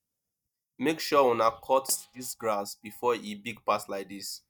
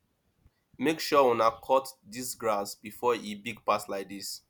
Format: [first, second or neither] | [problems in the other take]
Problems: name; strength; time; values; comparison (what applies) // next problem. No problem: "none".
second | noise reduction (neural mask model DeepFilterNet 3)